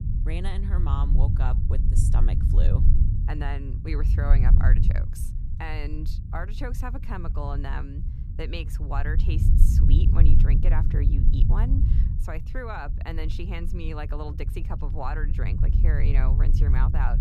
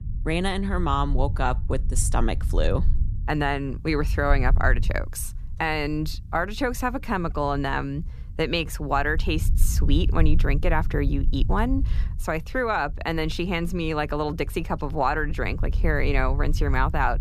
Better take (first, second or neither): second